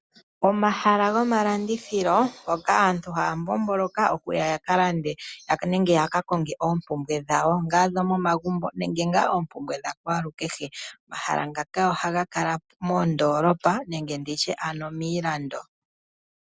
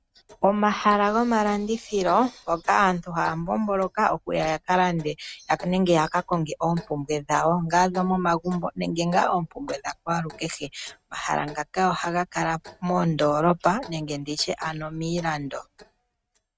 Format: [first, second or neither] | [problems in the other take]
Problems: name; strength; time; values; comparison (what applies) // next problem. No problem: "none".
first | noise reduction (neural mask model RNNoise)